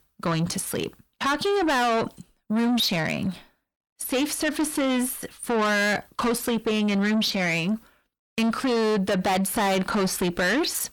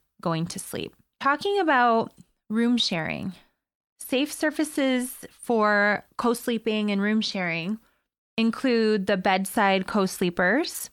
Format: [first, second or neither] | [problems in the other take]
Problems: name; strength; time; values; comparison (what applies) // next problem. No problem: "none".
second | distortion; heavy; 7 dB below the speech